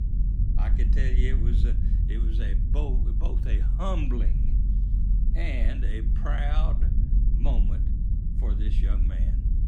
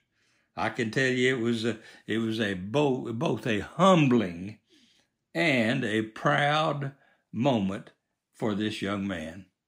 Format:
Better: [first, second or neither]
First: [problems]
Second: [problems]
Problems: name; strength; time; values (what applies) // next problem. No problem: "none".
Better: second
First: low rumble; loud; throughout; 5 dB below the speech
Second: none